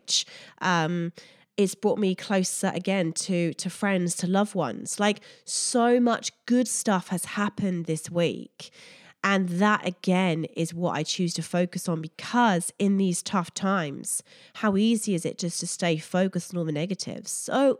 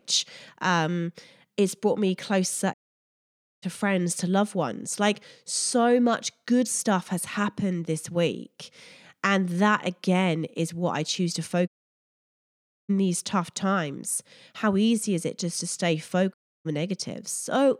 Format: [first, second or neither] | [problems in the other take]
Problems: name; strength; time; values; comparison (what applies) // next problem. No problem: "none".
first | audio cutting out; at 2.5 s for 1 s, at 12 s for 1 s and at 16 s